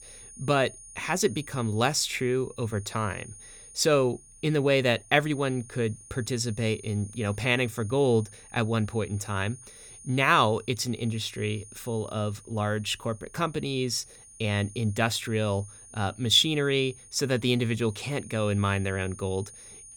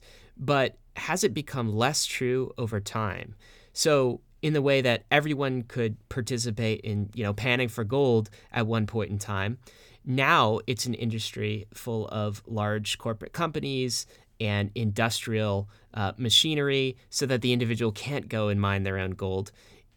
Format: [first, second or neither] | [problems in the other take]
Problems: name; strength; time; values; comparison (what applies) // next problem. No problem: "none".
second | high-pitched whine; noticeable; throughout; 9.5 kHz, 20 dB below the speech